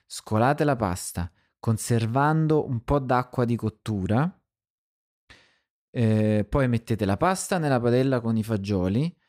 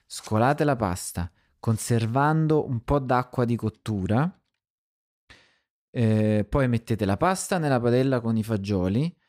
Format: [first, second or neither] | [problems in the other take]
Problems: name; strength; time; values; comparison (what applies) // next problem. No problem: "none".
first | household noises; faint; until 4.5 s; 30 dB below the speech